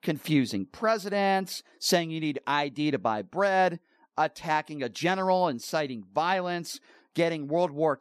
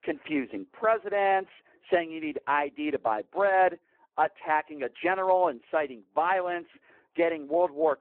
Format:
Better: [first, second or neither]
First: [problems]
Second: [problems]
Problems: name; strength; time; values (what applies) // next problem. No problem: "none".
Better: first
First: none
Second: phone-call audio; poor line